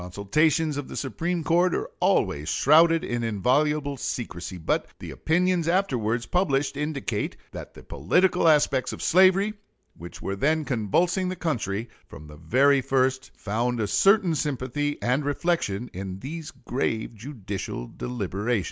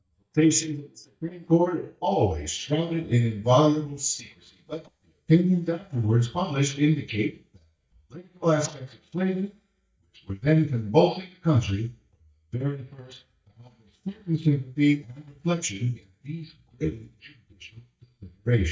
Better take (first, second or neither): first